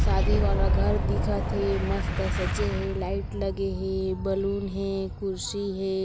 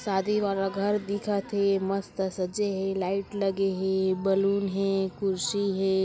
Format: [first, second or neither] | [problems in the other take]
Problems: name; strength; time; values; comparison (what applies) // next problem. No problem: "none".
second | background sound (Boom); 3 dB above the speech